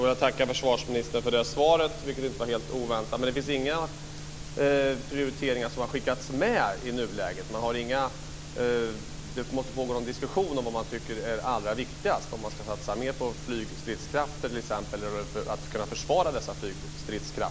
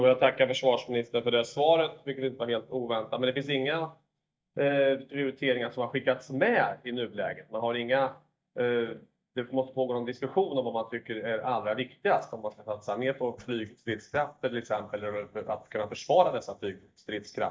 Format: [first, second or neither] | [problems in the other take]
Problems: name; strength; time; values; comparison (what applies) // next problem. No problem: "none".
first | noise reduction (neural mask model DeepFilterNet 3)